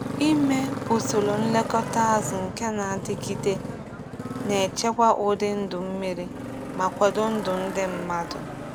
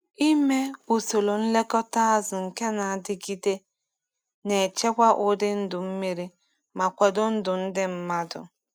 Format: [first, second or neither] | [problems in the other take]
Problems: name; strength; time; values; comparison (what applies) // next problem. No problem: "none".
second | background sound (Motorcycle); 7 dB below the speech